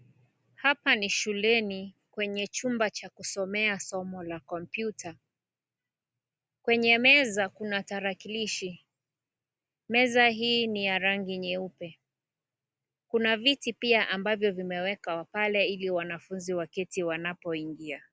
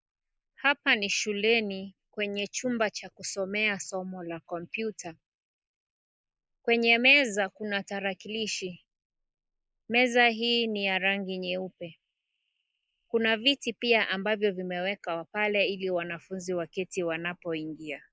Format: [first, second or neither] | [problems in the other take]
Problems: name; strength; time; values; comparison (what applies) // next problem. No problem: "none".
first | noise reduction (neural mask model Resemble Enhance denoiser)